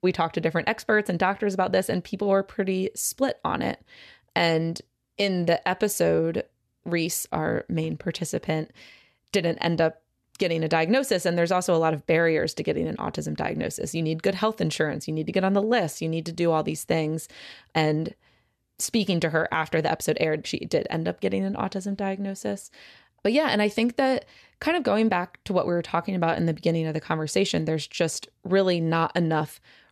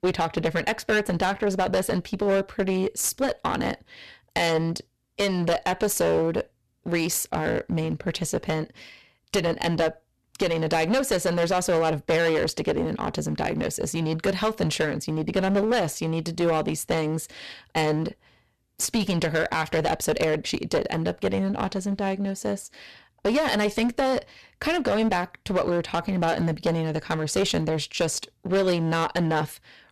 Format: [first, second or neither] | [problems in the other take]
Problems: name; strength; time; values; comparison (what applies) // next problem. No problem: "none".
first | distortion; heavy; 12% of the sound clipped